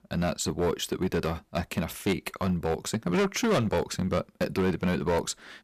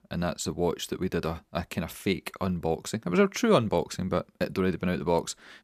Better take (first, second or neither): second